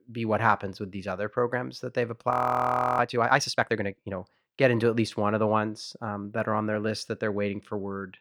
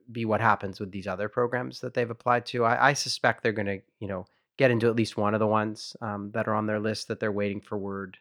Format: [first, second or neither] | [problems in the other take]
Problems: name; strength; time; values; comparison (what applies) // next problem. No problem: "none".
second | audio freezing; at 2.5 s for 0.5 s